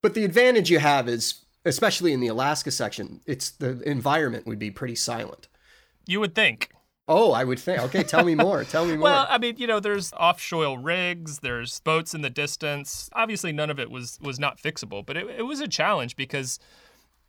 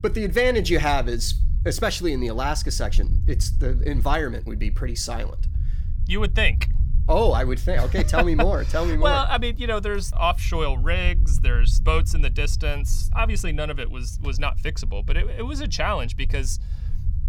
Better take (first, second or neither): first